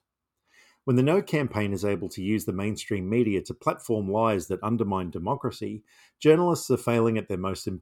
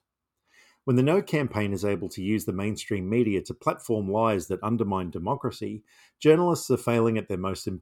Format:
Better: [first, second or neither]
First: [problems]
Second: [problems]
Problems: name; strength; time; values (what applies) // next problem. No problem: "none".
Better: neither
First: none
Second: none